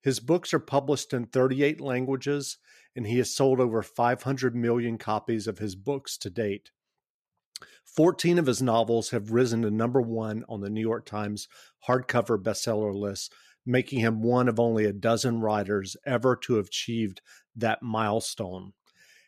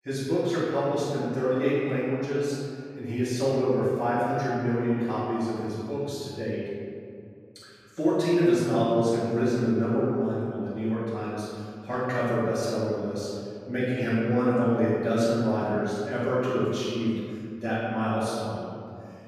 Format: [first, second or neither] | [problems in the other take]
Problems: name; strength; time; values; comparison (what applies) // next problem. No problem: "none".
first | off-mic speech; far // room echo; strong; dies away in 2.4 s